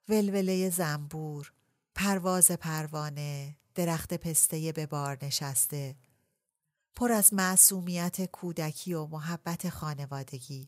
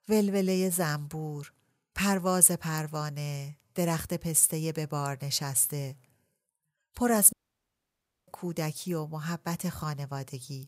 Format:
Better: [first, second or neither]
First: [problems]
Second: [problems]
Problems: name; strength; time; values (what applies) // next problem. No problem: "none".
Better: first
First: none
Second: audio cutting out; at 7.5 s for 1 s